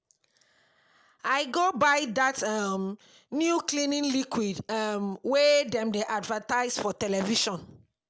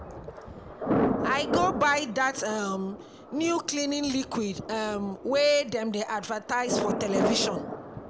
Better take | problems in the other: first | background sound (Thunder); 4 dB below the speech

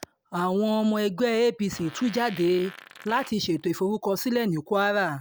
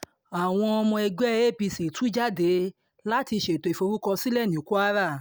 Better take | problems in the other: second | background sound (Fart); 20 dB below the speech

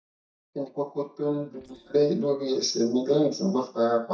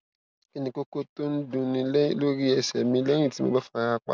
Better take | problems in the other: second | noise reduction (neural mask model DeepFilterNet 3)

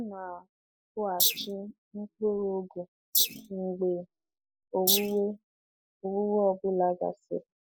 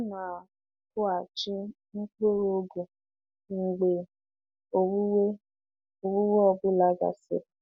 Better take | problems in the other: second | noise reduction (neural mask model Resemble Enhance denoiser)

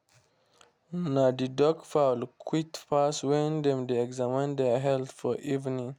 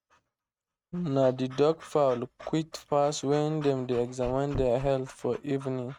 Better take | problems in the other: first | noise reduction (neural mask model RNNoise)

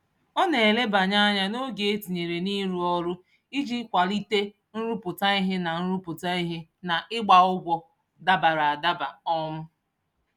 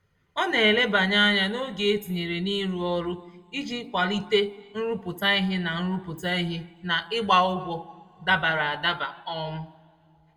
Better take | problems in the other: first | room echo; dies away in 0.6 s

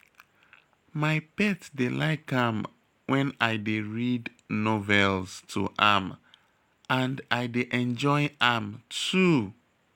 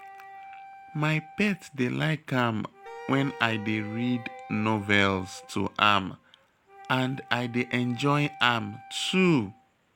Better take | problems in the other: first | background sound (Wind instrument, woodwind instrument + Wind instrument, woodwind instrument); 18 dB below the speech

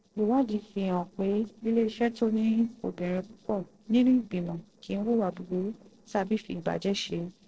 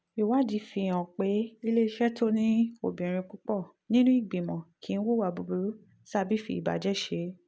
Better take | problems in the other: second | noise reduction (neural separator model SepFormer DNS4)

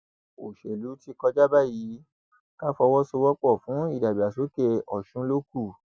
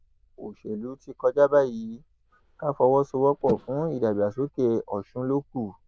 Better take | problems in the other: first | noise reduction (neural diffusion model UNIVERSE++)

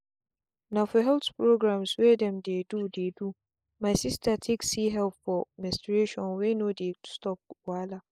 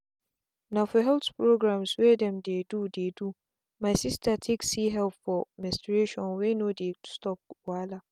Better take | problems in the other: second | noise reduction (neural mask model Resemble Enhance denoiser)

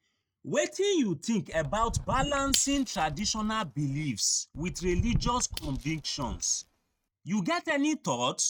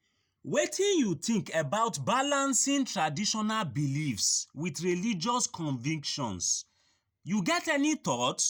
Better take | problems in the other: second | noise reduction (neural mask model RNNoise)

